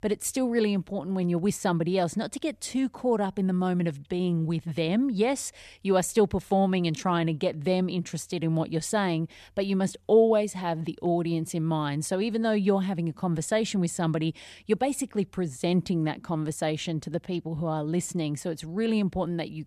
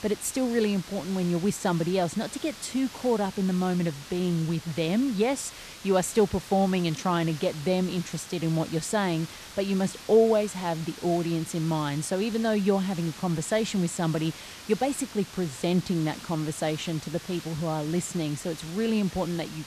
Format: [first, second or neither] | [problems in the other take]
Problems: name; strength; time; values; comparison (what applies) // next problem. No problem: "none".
first | hiss; noticeable; throughout; 15 dB below the speech